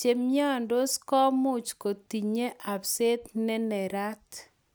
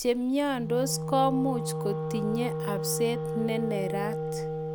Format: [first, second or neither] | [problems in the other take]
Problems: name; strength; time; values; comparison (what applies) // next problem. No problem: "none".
first | background sound (Wind instrument, woodwind instrument); 3 dB below the speech